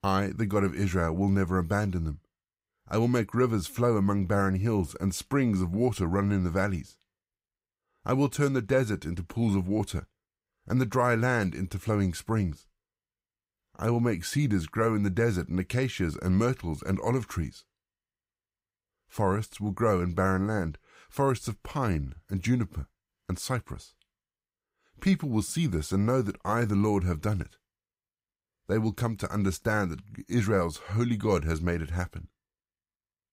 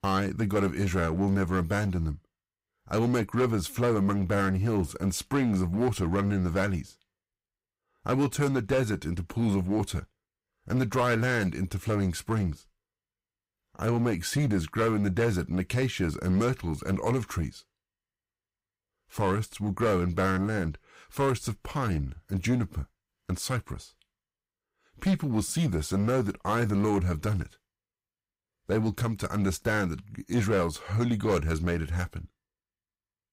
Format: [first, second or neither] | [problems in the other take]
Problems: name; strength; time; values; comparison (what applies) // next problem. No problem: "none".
first | distortion; slight; 7% of the sound clipped